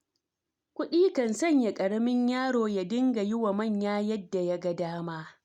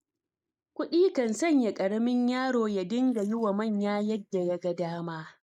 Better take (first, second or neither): first